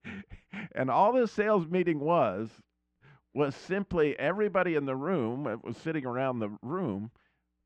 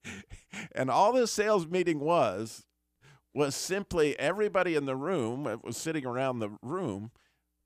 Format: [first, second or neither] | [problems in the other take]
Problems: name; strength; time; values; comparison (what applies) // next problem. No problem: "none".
second | muffled; very; fading above 2 kHz